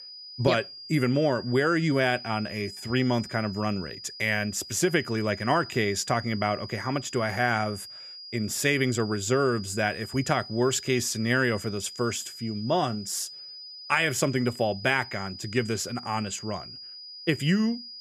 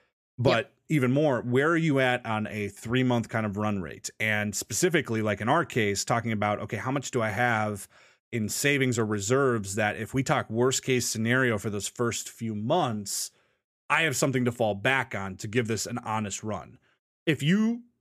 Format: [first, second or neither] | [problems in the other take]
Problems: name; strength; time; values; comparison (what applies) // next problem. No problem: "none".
second | high-pitched whine; noticeable; throughout; 5 kHz, 15 dB below the speech